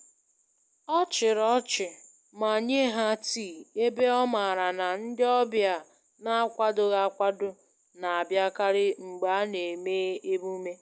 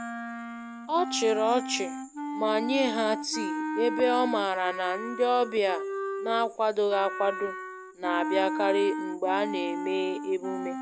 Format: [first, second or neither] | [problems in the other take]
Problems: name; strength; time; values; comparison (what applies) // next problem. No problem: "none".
first | background sound (Wind instrument, woodwind instrument); 6 dB below the speech